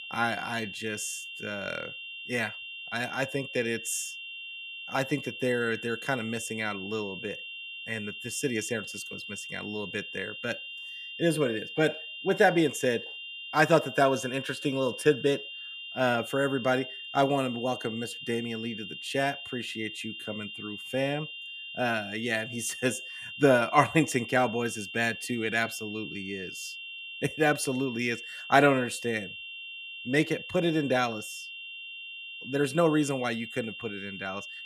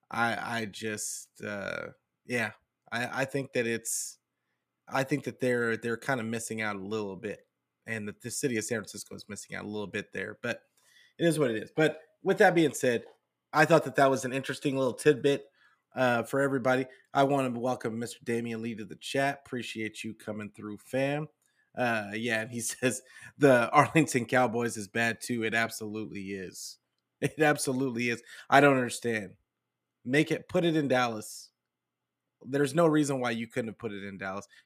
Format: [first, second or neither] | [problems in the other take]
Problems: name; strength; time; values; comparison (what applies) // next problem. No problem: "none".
second | high-pitched whine; loud; throughout; 3 kHz, 9 dB below the speech